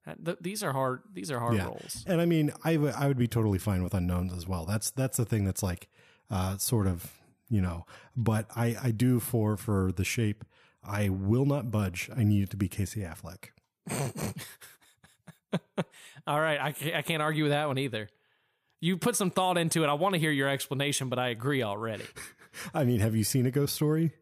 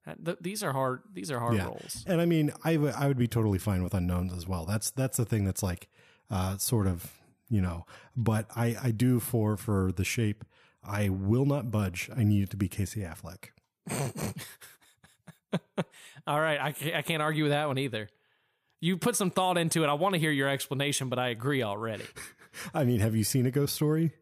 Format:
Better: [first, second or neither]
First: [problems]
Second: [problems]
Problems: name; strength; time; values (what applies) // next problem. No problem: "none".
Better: neither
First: none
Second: none